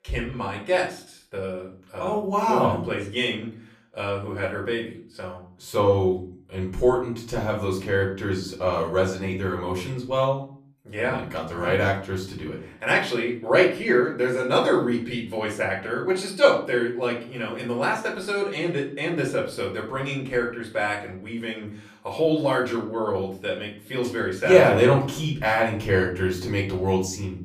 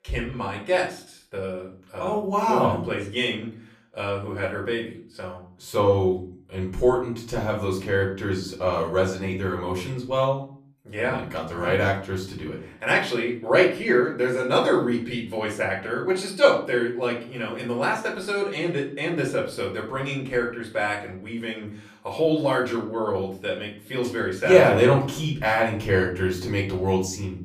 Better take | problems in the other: neither | off-mic speech; far; the same in both // room echo; slight; dies away in 0.4 s; the same in both

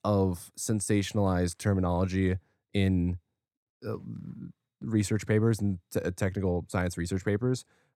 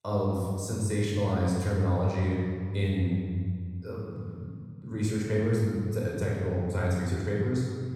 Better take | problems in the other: first | room echo; strong; dies away in 2.1 s // off-mic speech; far

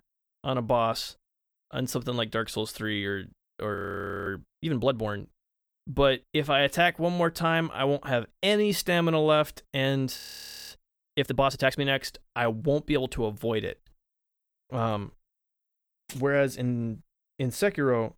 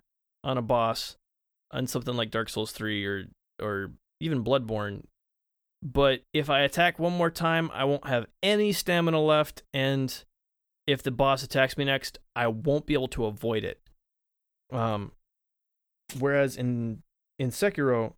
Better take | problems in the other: second | audio freezing; at 4 s for 0.5 s and at 10 s for 0.5 s

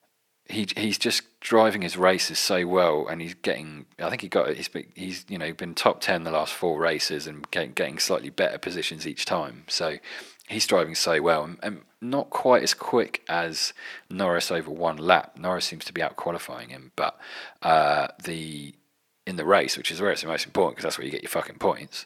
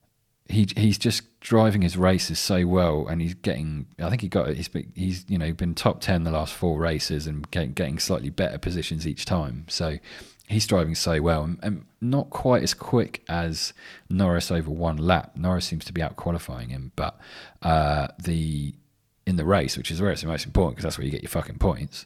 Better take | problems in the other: second | thin; somewhat; fading below 400 Hz

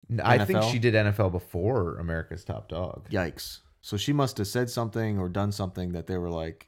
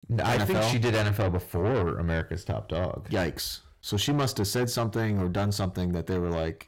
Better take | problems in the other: first | distortion; heavy; 6 dB below the speech

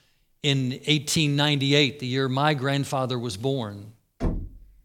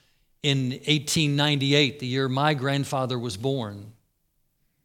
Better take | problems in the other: second | door banging; noticeable; at 4 s; peak 7 dB below the speech

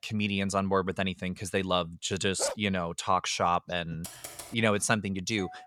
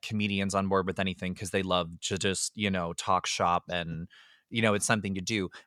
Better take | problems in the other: second | dog barking; noticeable; at 2.5 s; peak 7 dB below the speech // keyboard typing; faint; at 4 s; peak 10 dB below the speech // doorbell; very faint; at 5.5 s; peak 20 dB below the speech

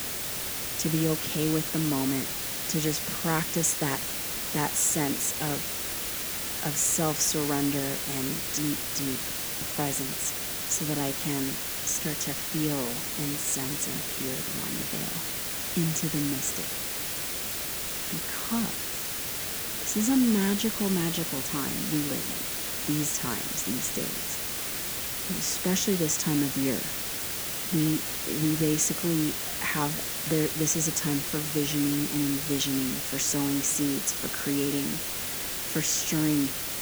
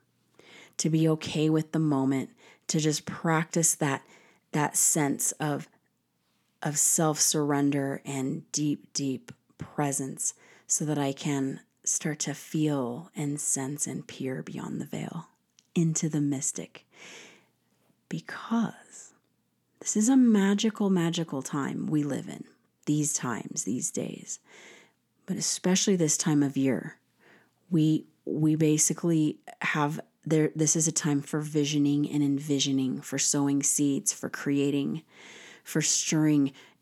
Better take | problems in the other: second | hiss; loud; throughout; as loud as the speech

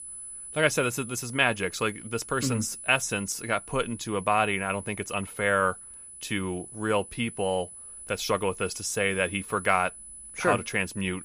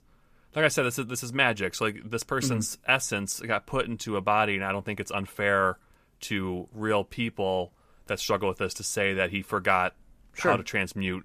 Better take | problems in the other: second | high-pitched whine; noticeable; throughout; 10 kHz, 15 dB below the speech

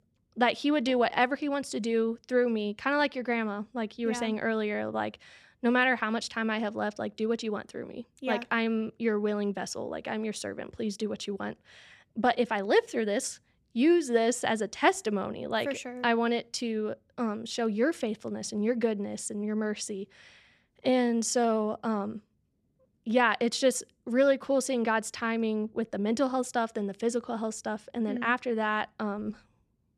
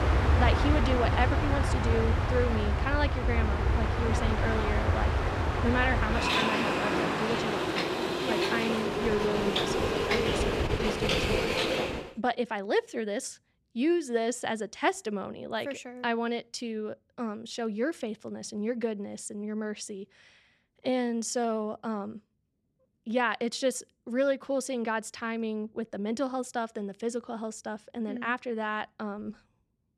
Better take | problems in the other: first | train or aircraft noise; very loud; until 12 s; 4 dB above the speech

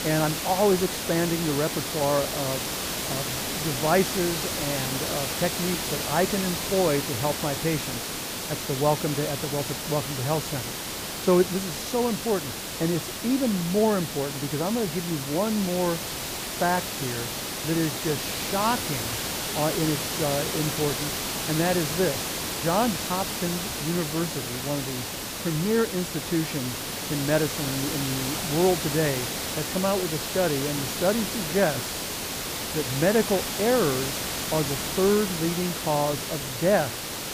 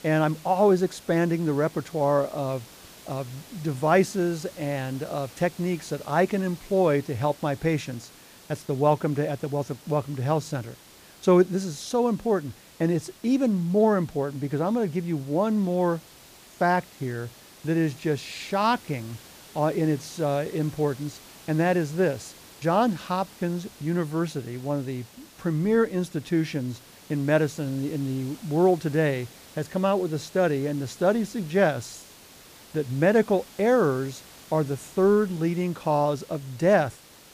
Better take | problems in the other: second | hiss; loud; throughout; 2 dB below the speech; faint in the second

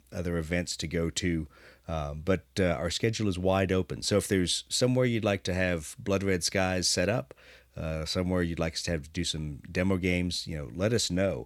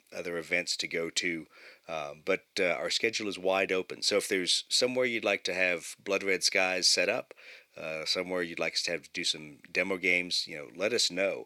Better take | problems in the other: first | thin; somewhat; fading below 400 Hz

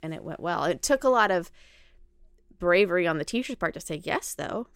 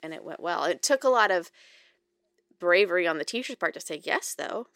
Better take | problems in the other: first | thin; very slightly; fading below 400 Hz

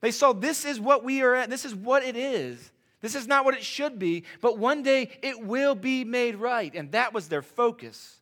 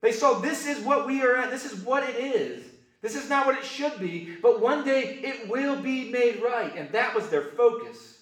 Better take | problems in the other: first | room echo; noticeable; dies away in 0.7 s // off-mic speech; far

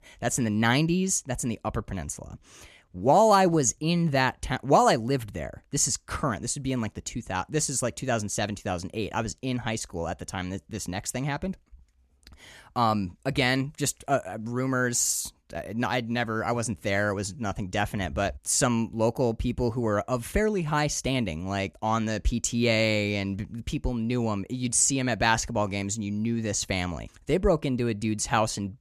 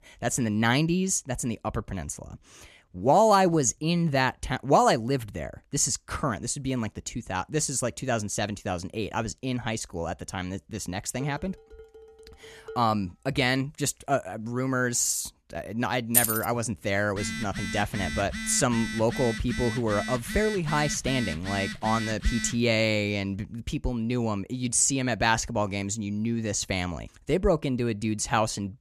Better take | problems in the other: first | clattering dishes; faint; from 11 to 13 s; peak 15 dB below the speech // jangling keys; loud; at 16 s; peak 5 dB above the speech // phone ringing; noticeable; from 17 to 23 s; peak 6 dB below the speech

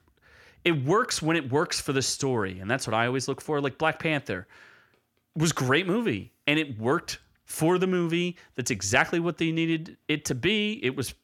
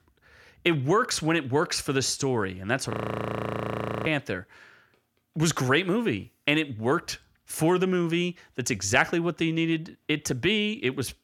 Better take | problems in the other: first | audio freezing; at 3 s for 1 s

